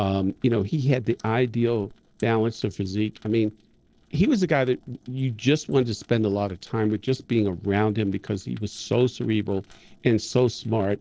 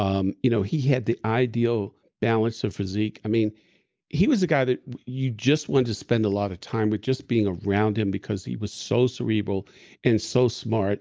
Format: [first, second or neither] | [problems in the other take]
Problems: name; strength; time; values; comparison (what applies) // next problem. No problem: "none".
second | noise reduction (neural separator model SepFormer DNS4)